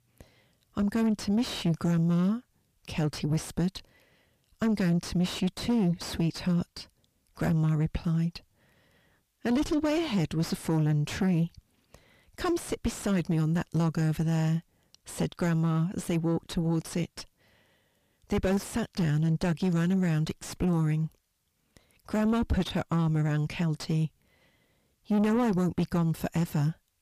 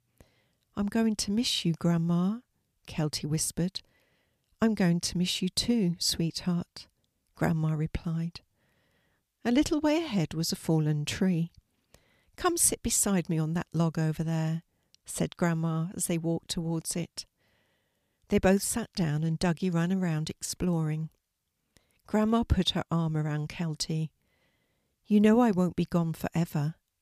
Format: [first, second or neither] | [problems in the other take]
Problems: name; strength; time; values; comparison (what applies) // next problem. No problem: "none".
second | distortion; heavy; 7 dB below the speech